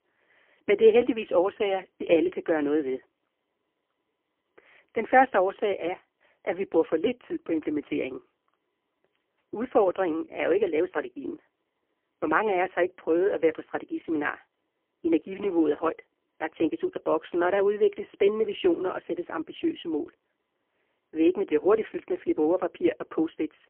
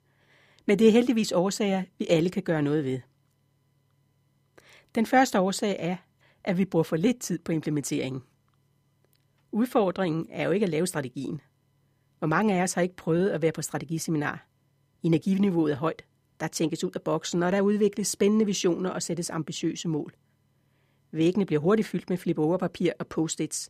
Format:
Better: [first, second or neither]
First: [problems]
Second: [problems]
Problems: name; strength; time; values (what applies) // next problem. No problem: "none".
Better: second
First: phone-call audio; poor line; nothing above 3 kHz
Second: none